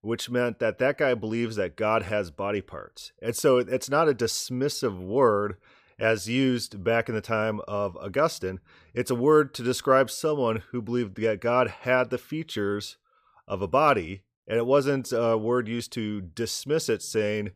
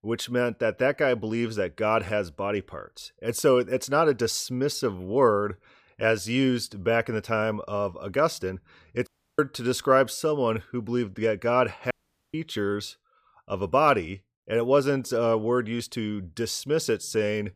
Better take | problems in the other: first | audio cutting out; at 9 s and at 12 s

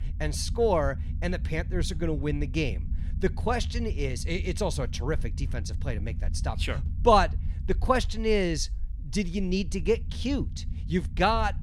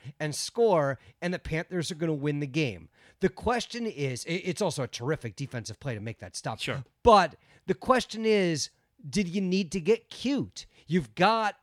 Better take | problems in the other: second | low rumble; faint; throughout; 20 dB below the speech

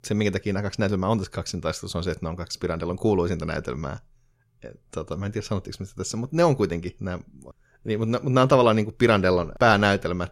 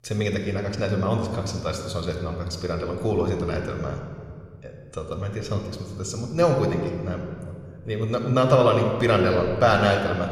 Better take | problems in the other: first | room echo; slight; dies away in 1.6 s

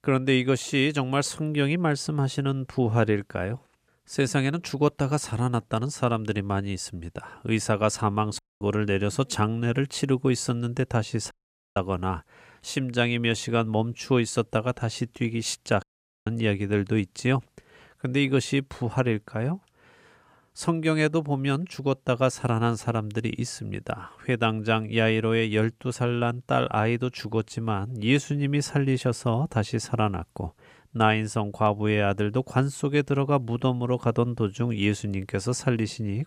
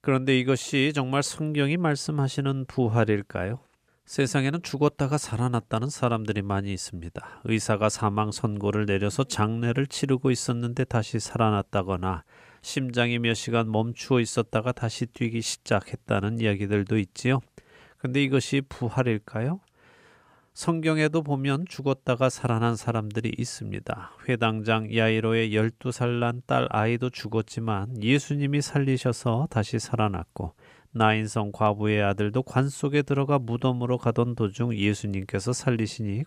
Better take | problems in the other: second | audio cutting out; at 8.5 s, at 11 s and at 16 s

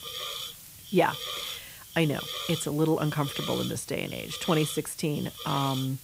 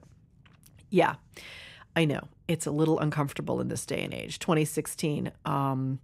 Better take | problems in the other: second | hiss; loud; throughout; 7 dB below the speech

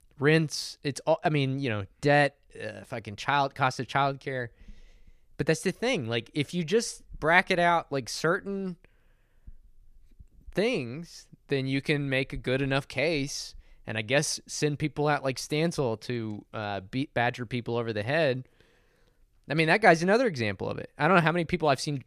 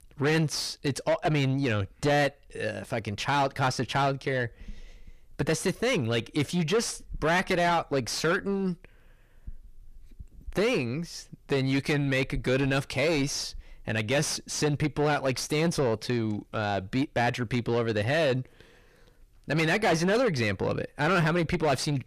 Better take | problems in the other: first | distortion; heavy; 5 dB below the speech

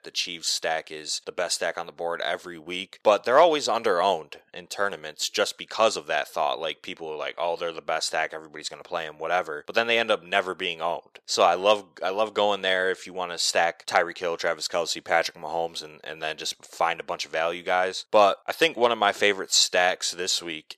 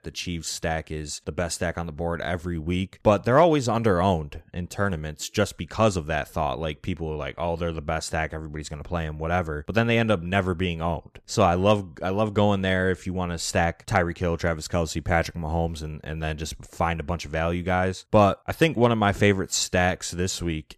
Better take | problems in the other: second | thin; very; fading below 550 Hz

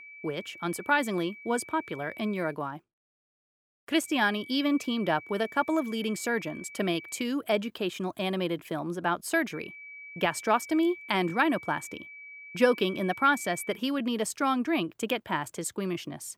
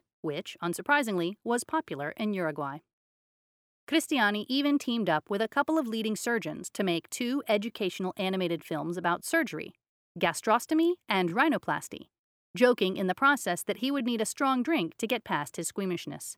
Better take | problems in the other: second | high-pitched whine; noticeable; until 2.5 s, from 4 to 7 s and from 9.5 to 14 s; 2.5 kHz, 15 dB below the speech

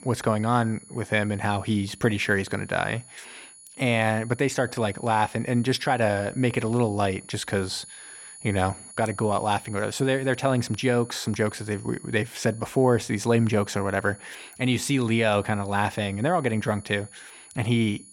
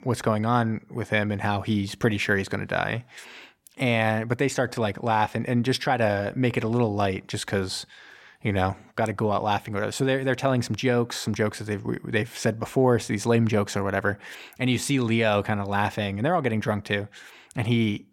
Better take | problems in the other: second | high-pitched whine; noticeable; throughout; 10.5 kHz, 20 dB below the speech

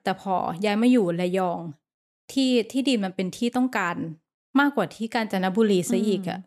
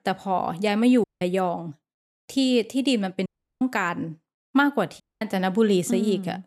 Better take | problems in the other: first | audio cutting out; at 1 s, at 3.5 s and at 5 s

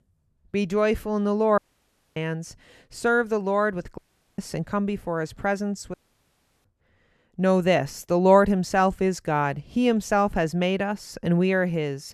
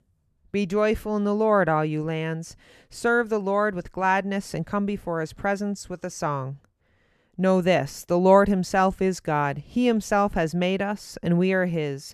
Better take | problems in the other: second | audio cutting out; at 1.5 s for 0.5 s, at 4 s and at 6 s for 0.5 s

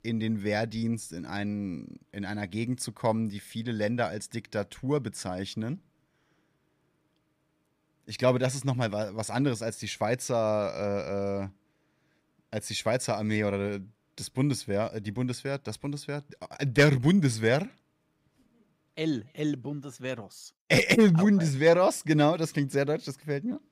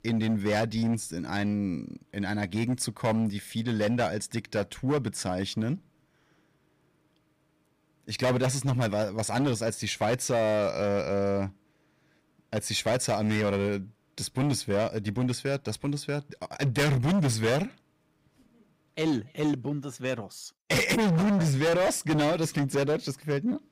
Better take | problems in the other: first | distortion; heavy; 11% of the sound clipped

